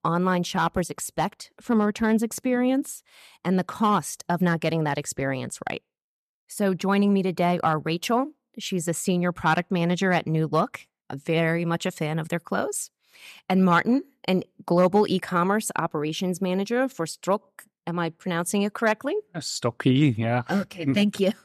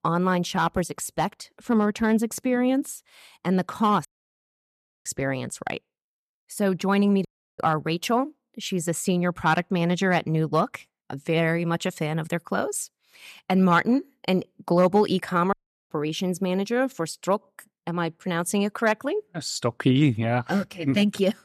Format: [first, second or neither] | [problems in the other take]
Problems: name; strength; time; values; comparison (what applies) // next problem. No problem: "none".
first | audio cutting out; at 4 s for 1 s, at 7.5 s and at 16 s